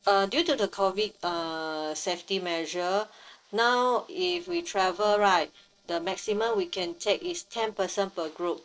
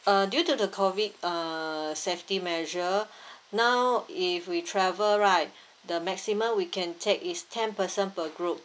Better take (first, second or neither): second